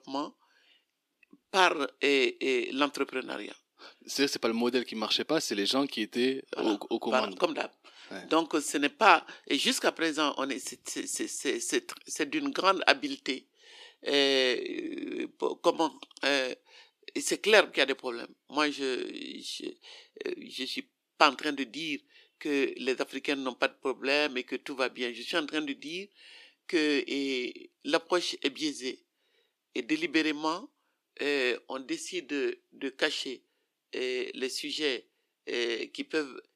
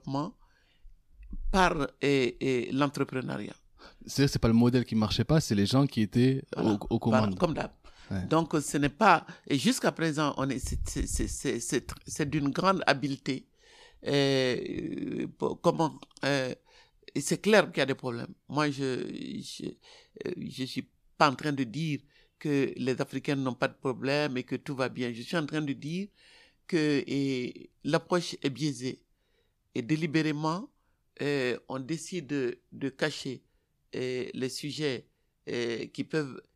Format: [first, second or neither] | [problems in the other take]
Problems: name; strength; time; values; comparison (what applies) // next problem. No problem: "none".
second | thin; very slightly; fading below 300 Hz